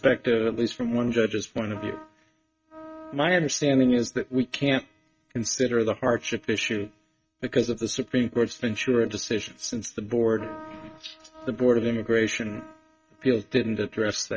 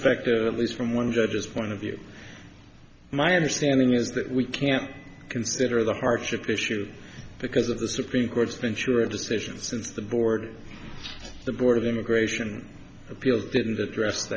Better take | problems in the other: second | noise reduction (neural mask model RNNoise)

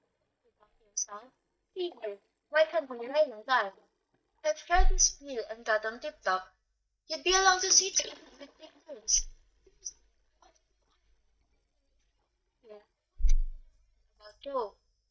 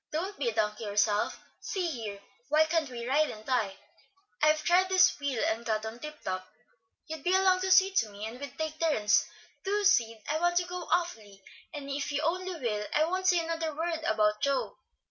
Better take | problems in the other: second | noise reduction (neural mask model DeepFilterNet 3)

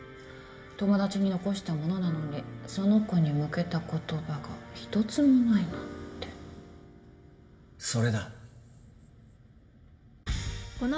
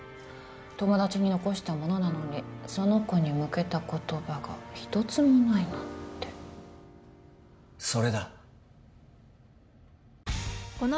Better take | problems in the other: second | room echo; dies away in 1.1 s

